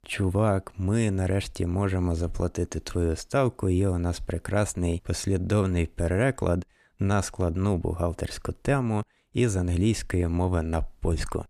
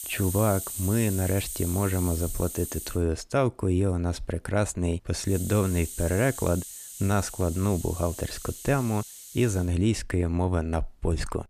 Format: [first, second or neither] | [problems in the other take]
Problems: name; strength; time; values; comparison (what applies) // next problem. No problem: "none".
first | hiss; loud; until 3 s and from 5.5 to 9.5 s; 9 dB below the speech